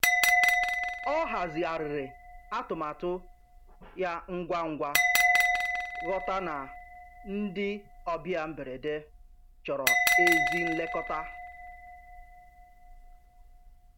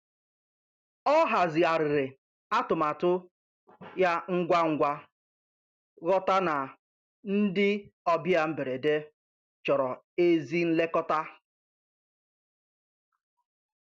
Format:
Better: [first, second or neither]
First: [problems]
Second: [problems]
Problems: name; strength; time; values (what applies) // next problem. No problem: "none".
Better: second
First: background sound (Bell); 4 dB above the speech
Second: none